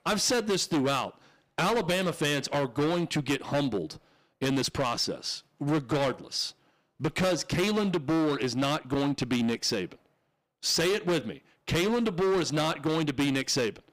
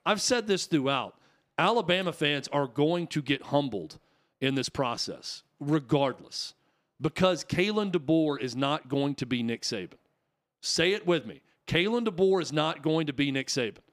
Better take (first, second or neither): second